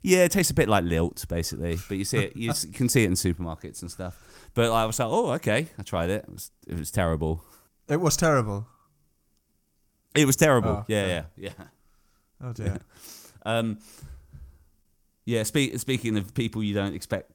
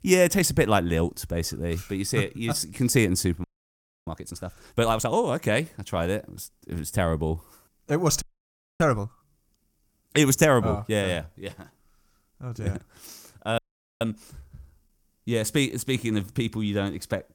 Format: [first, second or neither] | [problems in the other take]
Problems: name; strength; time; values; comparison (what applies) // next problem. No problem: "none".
first | audio freezing; at 3.5 s for 0.5 s, at 8 s for 0.5 s and at 14 s